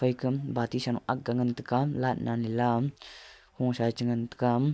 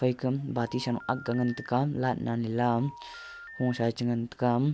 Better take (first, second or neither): first